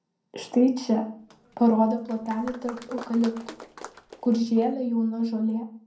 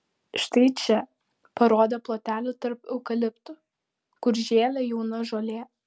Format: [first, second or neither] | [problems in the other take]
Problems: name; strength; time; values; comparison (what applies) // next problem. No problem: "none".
second | background sound (Applause); 18 dB below the speech // room echo; dies away in 0.6 s